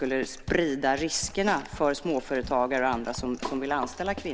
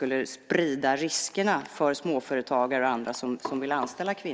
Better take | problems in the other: second | background sound (Clock + Drum kit); 14 dB below the speech

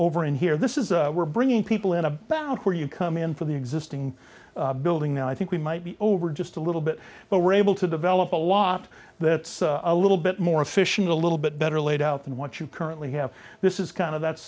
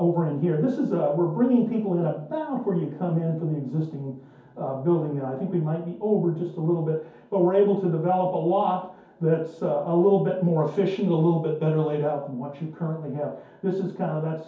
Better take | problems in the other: first | room echo; dies away in 0.6 s

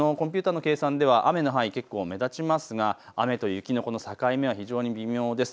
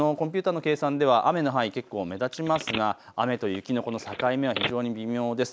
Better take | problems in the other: first | background sound (Telephone); 12 dB below the speech

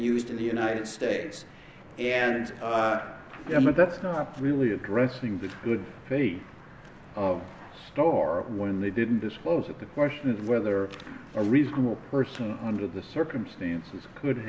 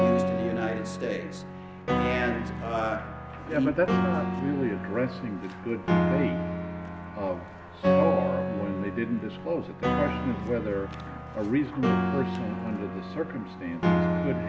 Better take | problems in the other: first | background sound (Piano); 2 dB above the speech

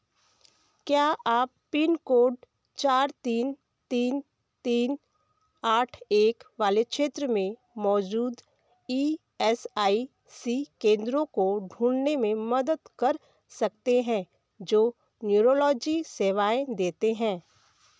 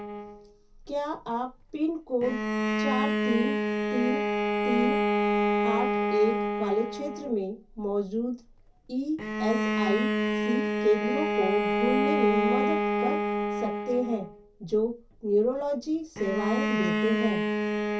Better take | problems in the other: first | background sound (Bowed string instrument); 2 dB above the speech // room echo; dies away in 0.3 s

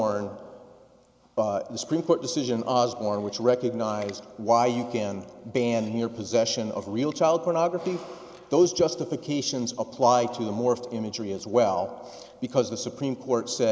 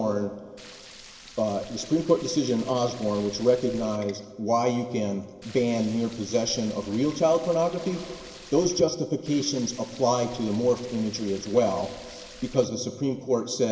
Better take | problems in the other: first | background sound (Stream); 20 dB below the speech // room echo; dies away in 0.7 s

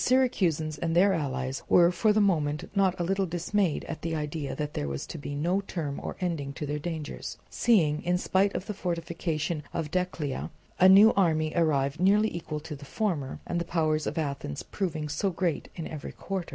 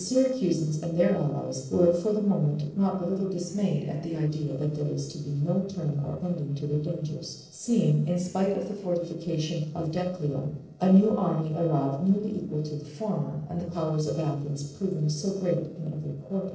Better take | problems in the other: first | noise reduction (neural separator model SepFormer DNS4)

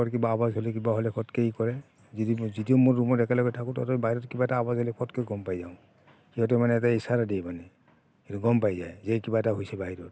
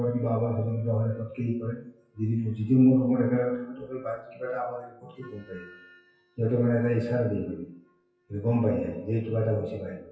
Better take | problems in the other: first | noise reduction (classical method WPE with log-MMSE)

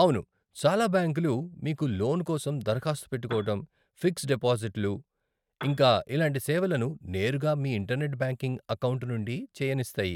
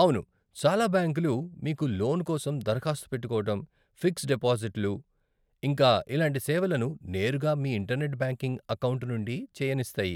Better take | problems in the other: second | noise reduction (neural mask model RNNoise)

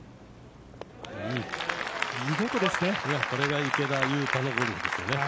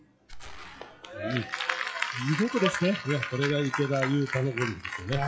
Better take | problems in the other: first | noise reduction (classical method log-MMSE)

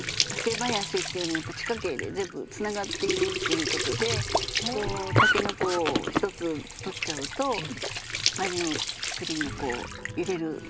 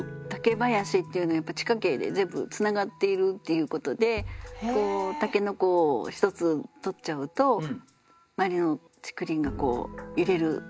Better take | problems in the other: second | background sound (Squeak / Trickle, dribble / Sink (filling or washing)); 2 dB above the speech

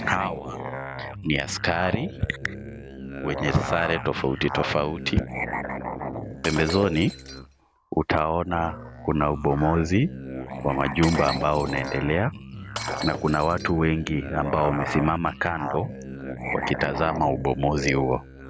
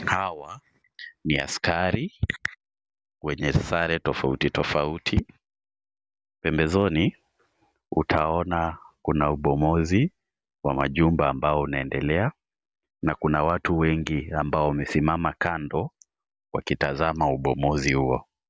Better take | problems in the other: second | background sound (Musical instrument + Shatter); 8 dB below the speech

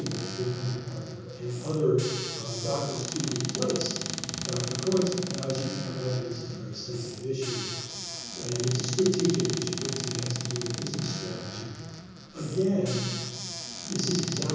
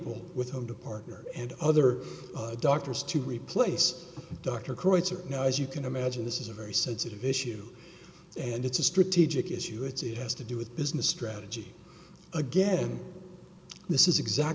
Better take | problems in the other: second | background sound (Squeak / Cupboard open or close); 6 dB below the speech // room echo; dies away in 1.3 s

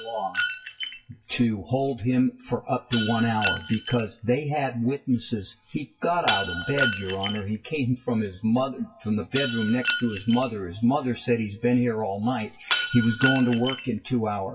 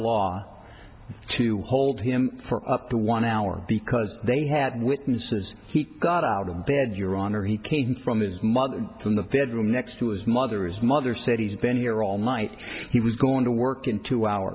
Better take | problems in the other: second | noise reduction (classical method WPE with log-MMSE)

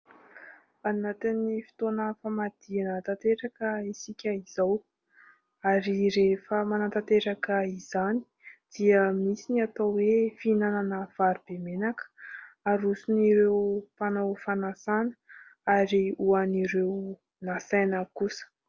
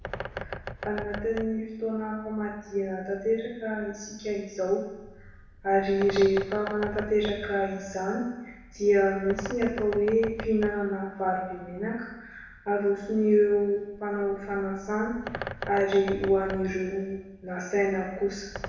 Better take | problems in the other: first | background sound (Bird); 14 dB below the speech // room echo; dies away in 1 s

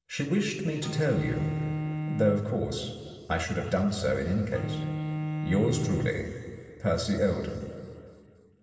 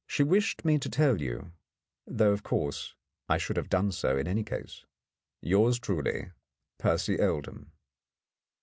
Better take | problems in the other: second | background sound (Bowed string instrument); 6 dB below the speech // room echo; dies away in 2.6 s

